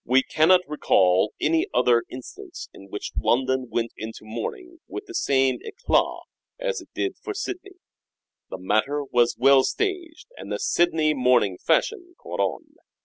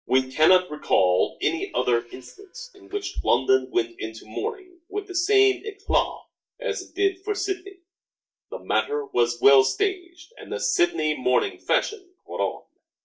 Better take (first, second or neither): first